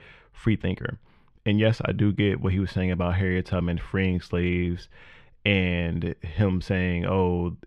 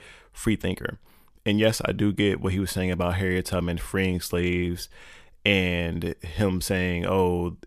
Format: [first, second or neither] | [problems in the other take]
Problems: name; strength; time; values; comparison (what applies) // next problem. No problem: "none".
second | muffled; slightly; fading above 2.5 kHz